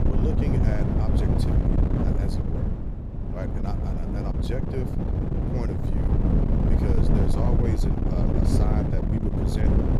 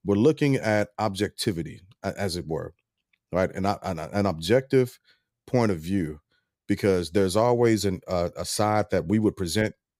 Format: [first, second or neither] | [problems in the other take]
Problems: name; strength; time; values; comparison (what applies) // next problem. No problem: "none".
second | wind noise on the microphone; heavy; 5 dB above the speech